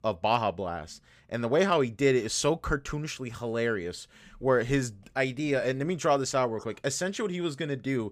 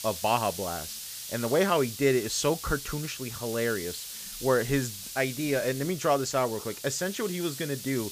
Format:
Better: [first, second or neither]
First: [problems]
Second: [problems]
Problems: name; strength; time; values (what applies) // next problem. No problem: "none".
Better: first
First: none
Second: hiss; loud; throughout; 9 dB below the speech